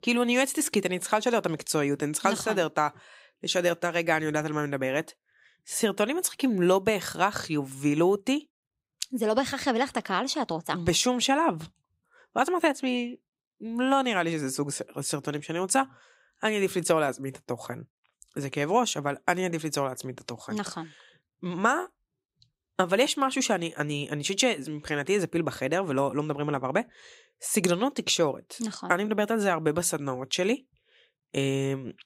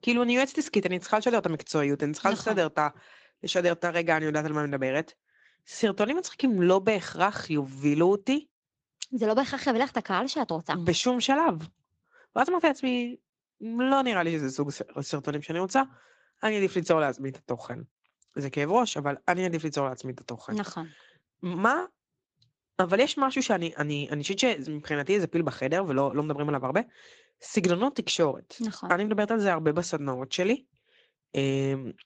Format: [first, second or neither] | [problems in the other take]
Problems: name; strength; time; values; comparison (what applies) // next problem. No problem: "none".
first | garbled, watery; slightly